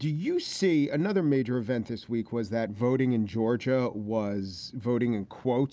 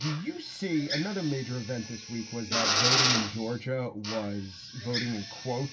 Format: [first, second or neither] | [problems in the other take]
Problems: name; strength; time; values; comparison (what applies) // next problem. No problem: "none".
first | background sound (Drill); as loud as the speech // room echo; dies away in 0.2 s